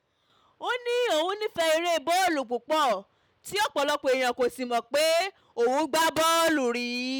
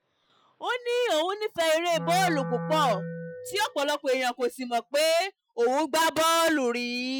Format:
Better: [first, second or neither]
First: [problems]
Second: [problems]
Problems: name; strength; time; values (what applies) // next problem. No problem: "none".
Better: first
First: none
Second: noise reduction (classical method Wiener filter)